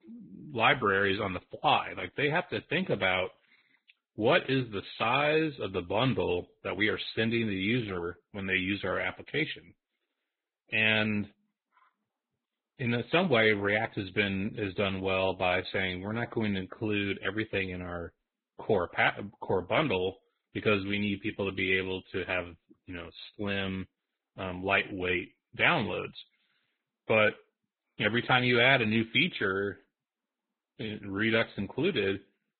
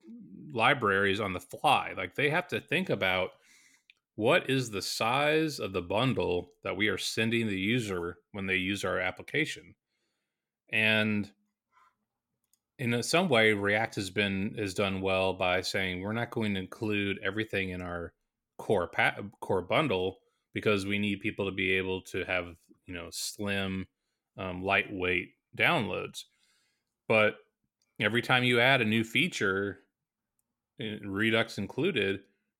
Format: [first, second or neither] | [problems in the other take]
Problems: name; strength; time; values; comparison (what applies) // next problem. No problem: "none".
second | garbled, watery; badly; nothing above 3.5 kHz